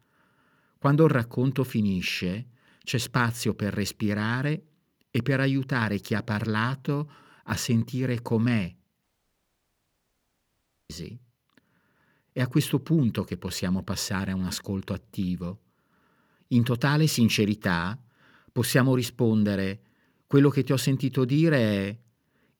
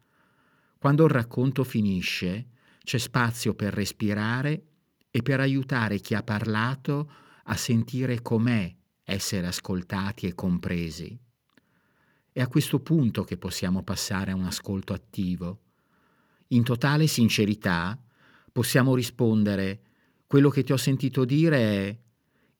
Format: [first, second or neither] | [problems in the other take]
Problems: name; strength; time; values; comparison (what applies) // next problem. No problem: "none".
second | audio cutting out; at 9 s for 2 s